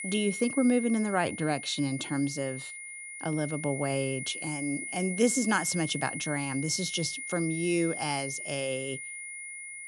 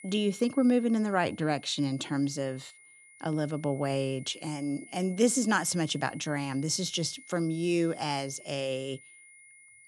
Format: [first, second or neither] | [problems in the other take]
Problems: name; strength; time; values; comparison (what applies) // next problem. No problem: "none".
second | high-pitched whine; loud; throughout; 2 kHz, 6 dB below the speech; faint in the second